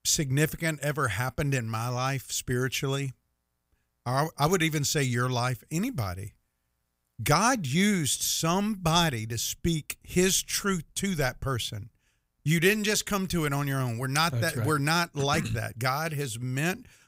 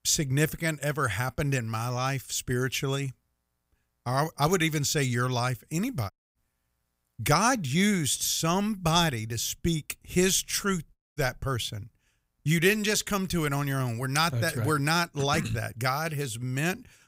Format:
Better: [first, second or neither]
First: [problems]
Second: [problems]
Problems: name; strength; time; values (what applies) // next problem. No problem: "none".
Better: first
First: none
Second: audio cutting out; at 6 s and at 11 s